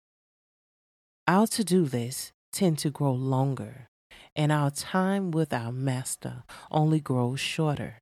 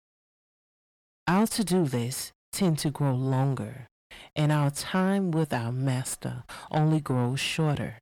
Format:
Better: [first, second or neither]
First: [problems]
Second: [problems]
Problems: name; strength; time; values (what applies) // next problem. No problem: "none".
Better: first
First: none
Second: distortion; slight; 10 dB below the speech